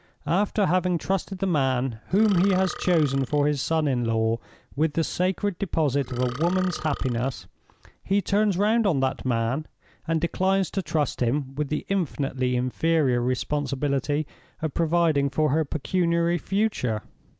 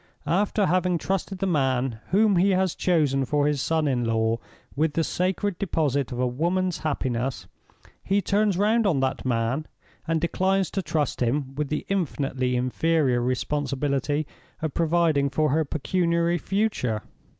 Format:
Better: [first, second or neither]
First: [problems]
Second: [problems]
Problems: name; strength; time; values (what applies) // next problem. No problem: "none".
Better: second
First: background sound (Burping, eructation); 15 dB below the speech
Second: none